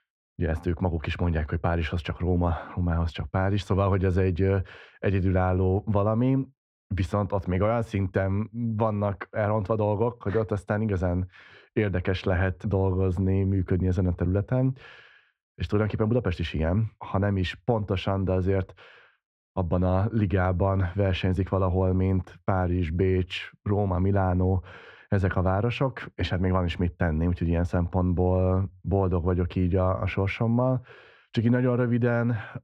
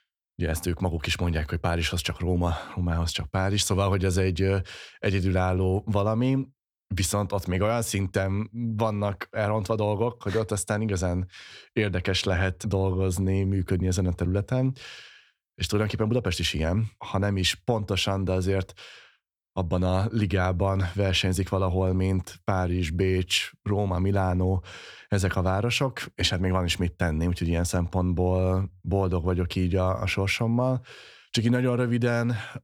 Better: second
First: muffled; very; fading above 4 kHz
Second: none

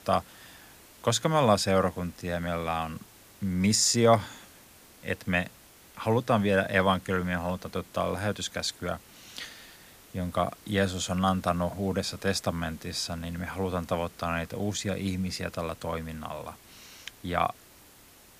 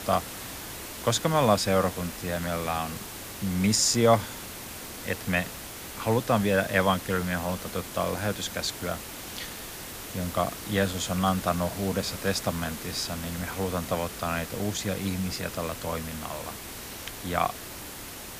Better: first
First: hiss; faint; throughout; 25 dB below the speech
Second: hiss; loud; throughout; 9 dB below the speech

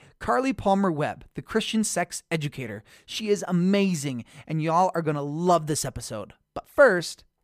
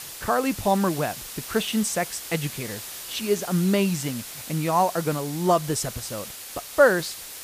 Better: first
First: none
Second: hiss; noticeable; throughout; 10 dB below the speech

